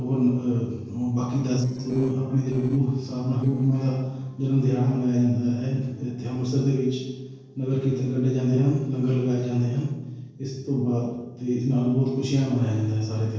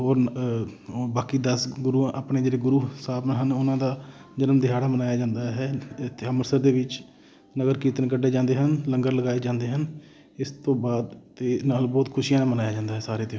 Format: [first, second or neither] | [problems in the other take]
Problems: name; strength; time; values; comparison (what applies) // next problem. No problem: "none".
second | noise reduction (neural separator model SepFormer DNS4)